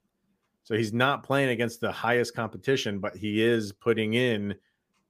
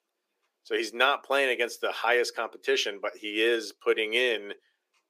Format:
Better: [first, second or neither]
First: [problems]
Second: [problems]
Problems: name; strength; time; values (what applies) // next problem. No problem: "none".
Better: first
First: none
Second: thin; very; fading below 350 Hz